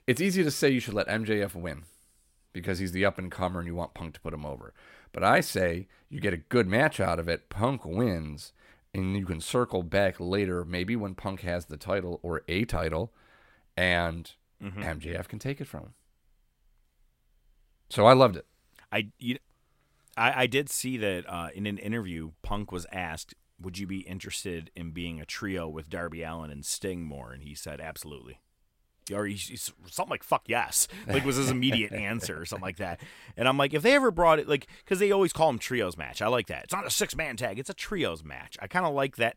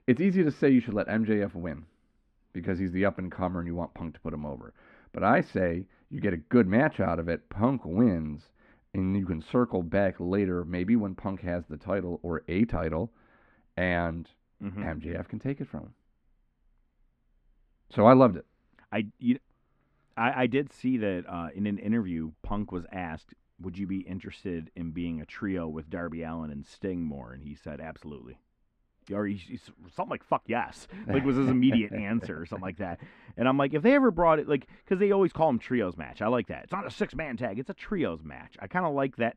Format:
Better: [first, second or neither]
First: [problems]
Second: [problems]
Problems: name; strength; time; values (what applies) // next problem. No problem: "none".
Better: first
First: none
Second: muffled; very; fading above 2 kHz